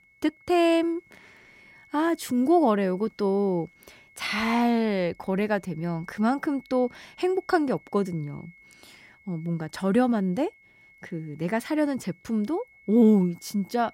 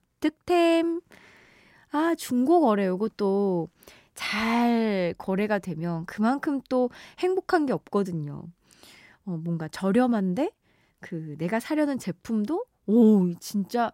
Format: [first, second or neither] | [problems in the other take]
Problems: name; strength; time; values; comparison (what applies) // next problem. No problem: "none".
second | high-pitched whine; faint; throughout; 2 kHz, 30 dB below the speech